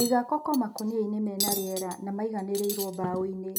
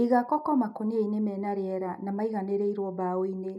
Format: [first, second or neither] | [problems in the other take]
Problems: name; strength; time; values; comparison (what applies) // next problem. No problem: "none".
second | background sound (Cutlery, silverware); 7 dB below the speech